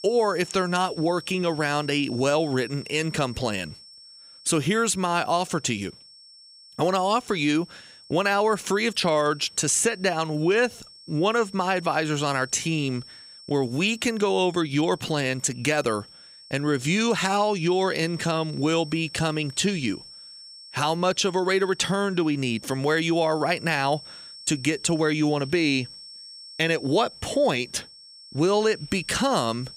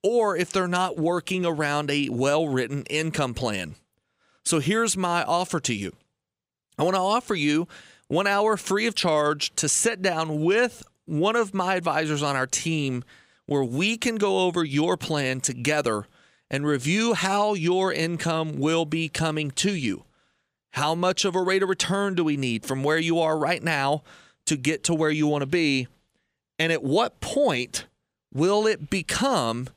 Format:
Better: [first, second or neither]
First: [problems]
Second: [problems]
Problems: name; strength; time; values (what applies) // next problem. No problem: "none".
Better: second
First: high-pitched whine; noticeable; throughout; 5.5 kHz, 20 dB below the speech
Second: none